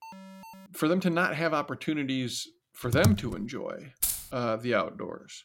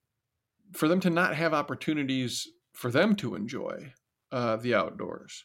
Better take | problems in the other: second | alarm; faint; at the start; peak 15 dB below the speech // keyboard typing; loud; at 3 s; peak 2 dB above the speech // jangling keys; loud; at 4 s; peak 1 dB above the speech

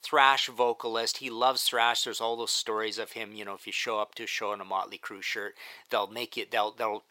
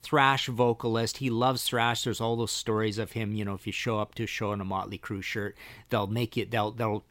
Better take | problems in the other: second | thin; very; fading below 600 Hz

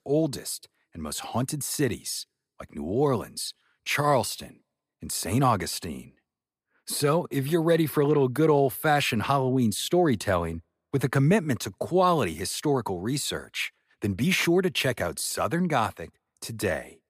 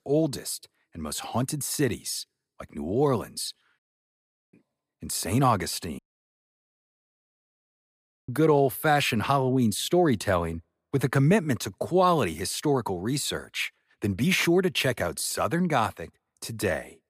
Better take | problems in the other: first | audio cutting out; at 4 s for 0.5 s and at 6 s for 2.5 s

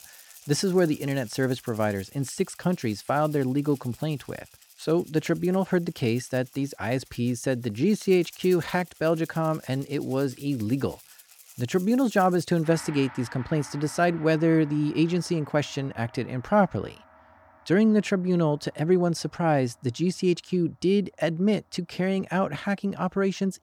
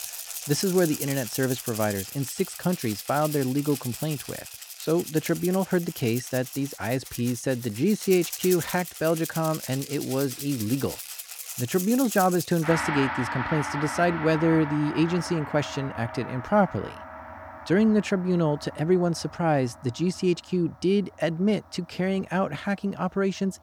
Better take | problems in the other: first | background music; loud; throughout; 9 dB below the speech; faint in the first

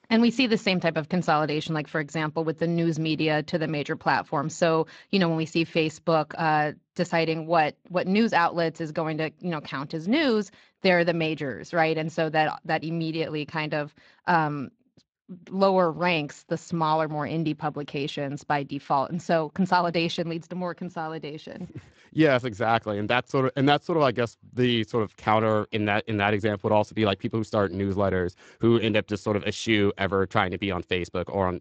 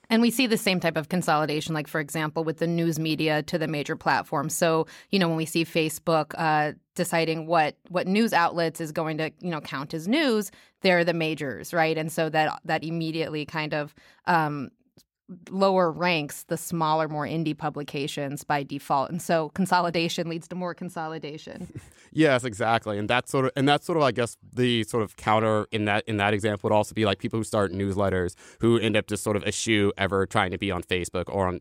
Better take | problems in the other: second | garbled, watery; slightly; nothing above 7.5 kHz

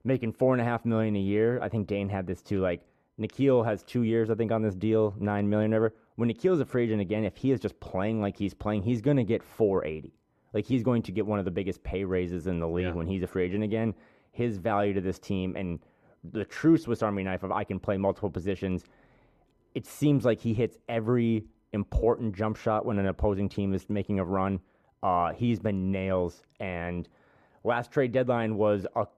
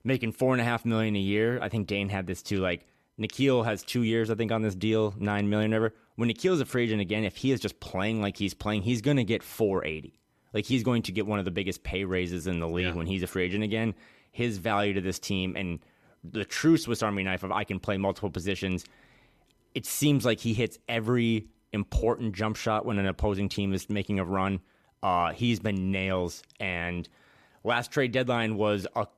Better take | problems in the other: second | muffled; slightly; fading above 2 kHz

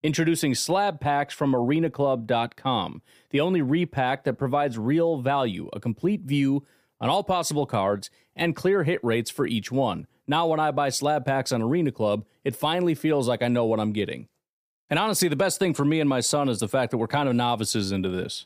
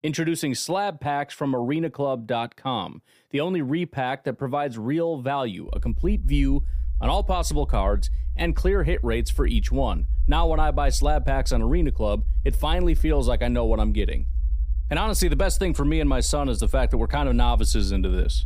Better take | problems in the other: first | low rumble; faint; from 5.5 s on; 25 dB below the speech

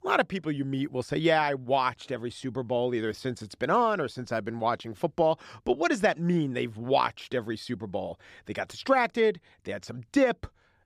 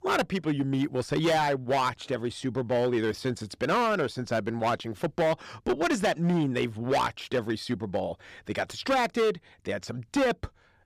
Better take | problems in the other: first | distortion; heavy; 10% of the sound clipped

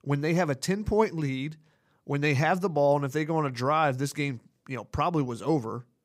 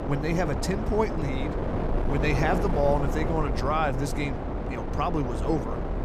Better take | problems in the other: first | wind noise on the microphone; heavy; 5 dB below the speech

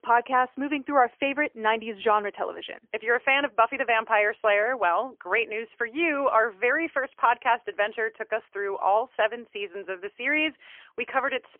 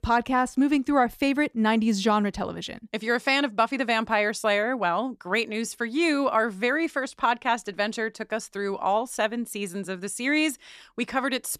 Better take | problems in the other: second | phone-call audio; poor line; nothing above 3 kHz

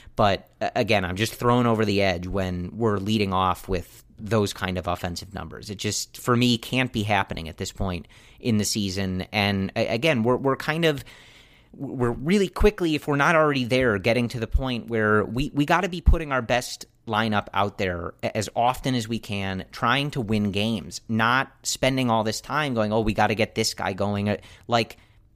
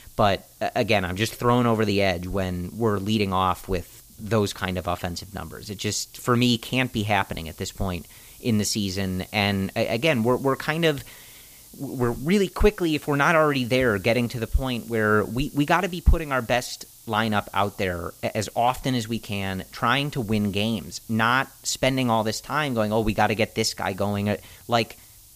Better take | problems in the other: first | hiss; faint; throughout; 20 dB below the speech

